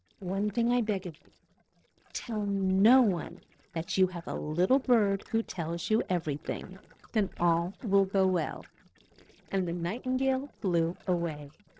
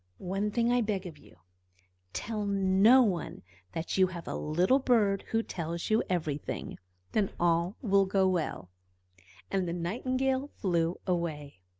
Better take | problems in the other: second | noise reduction (neural separator model SepFormer DNS4)

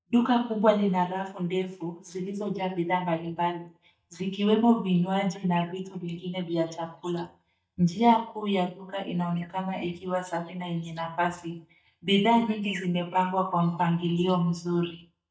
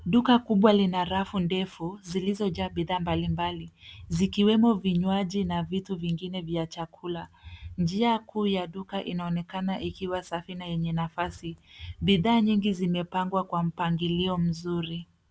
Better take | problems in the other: second | noise reduction (neural mask model DeepFilterNet 3)

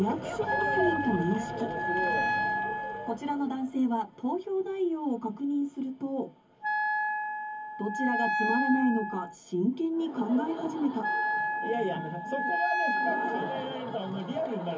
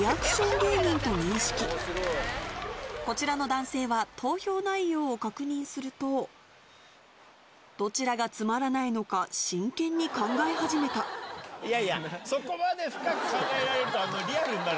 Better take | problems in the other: second | background sound (Wind instrument, woodwind instrument); as loud as the speech // room echo; dies away in 0.3 s

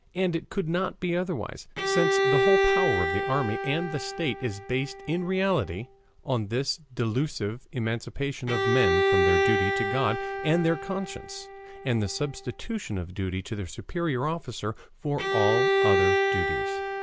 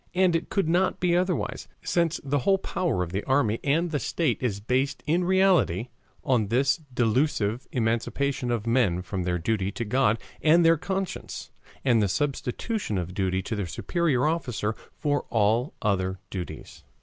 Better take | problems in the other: second | background sound (Bowed string instrument); as loud as the speech

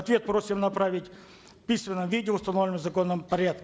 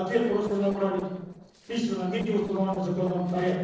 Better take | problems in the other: first | noise reduction (neural separator model SepFormer DNS4)

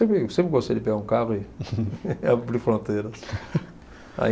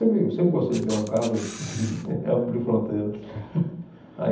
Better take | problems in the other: first | background sound (Camera); 15 dB below the speech // room echo; dies away in 0.8 s

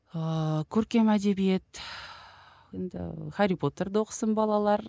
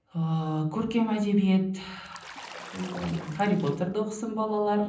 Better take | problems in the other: first | background sound (Bathtub (filling or washing) / Splash, splatter); 16 dB below the speech // room echo; dies away in 0.6 s

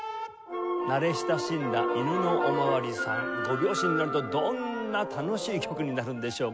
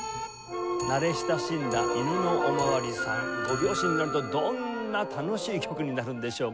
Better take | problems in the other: first | background sound (Clock); 16 dB below the speech

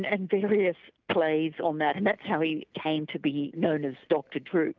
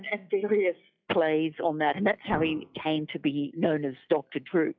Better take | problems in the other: first | noise reduction (classical method log-MMSE)

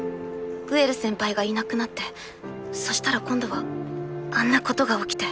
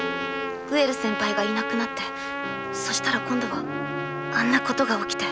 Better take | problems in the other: first | background sound (Trumpet); 5 dB below the speech

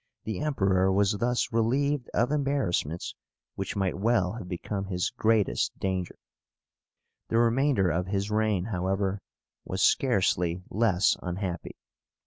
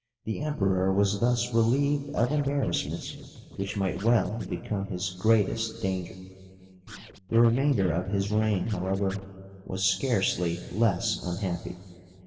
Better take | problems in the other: first | noise reduction (neural separator model SepFormer DNS4)

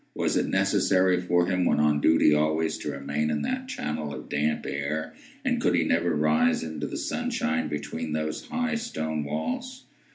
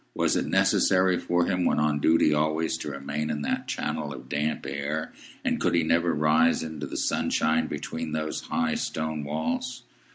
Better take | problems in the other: second | room echo; dies away in 0.3 s

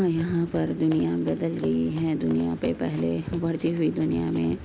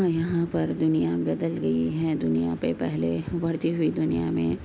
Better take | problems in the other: second | background sound (Run); 20 dB below the speech

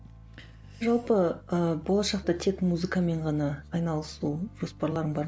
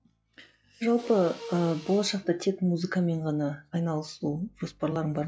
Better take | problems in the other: first | noise reduction (classical method log-MMSE)

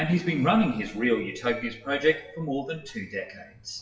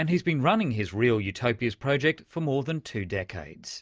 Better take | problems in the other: second | noise reduction (classical method WPE with log-MMSE)

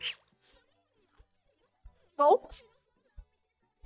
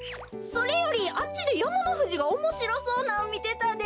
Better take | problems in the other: second | noise reduction (neural mask model DeepFilterNet 3)

